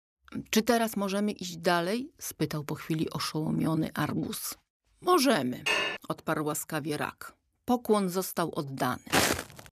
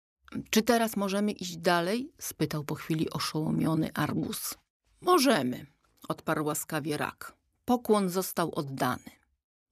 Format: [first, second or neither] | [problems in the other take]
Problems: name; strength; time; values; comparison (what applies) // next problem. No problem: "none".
second | clattering dishes; loud; at 5.5 s; peak 3 dB above the speech // footsteps; loud; at 9 s; peak 4 dB above the speech